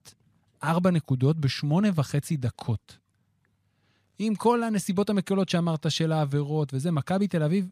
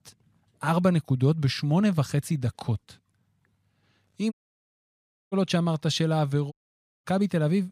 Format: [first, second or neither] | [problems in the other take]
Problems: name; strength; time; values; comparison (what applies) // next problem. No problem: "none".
first | audio cutting out; at 4.5 s for 1 s and at 6.5 s for 0.5 s